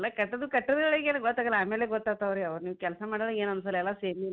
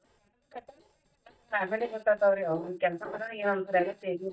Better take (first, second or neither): first